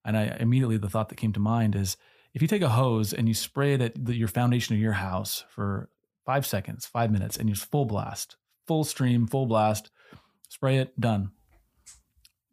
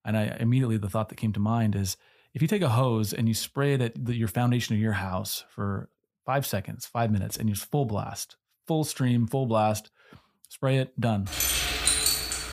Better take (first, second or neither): first